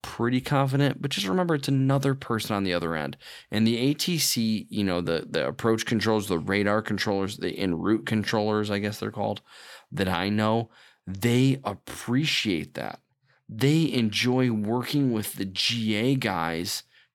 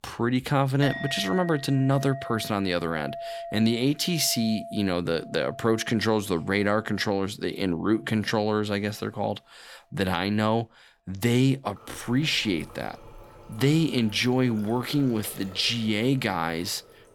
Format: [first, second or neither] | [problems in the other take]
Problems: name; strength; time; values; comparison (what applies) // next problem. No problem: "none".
first | household noises; noticeable; throughout; 15 dB below the speech